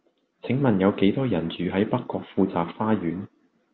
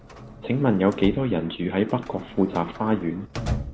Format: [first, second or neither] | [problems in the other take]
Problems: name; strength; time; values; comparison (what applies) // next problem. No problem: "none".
first | background sound (Drawer open or close); 11 dB below the speech